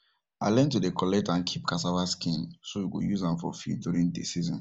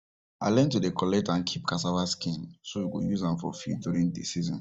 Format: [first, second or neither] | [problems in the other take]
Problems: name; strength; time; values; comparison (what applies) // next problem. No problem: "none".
first | noise reduction (neural mask model DeepFilterNet 3)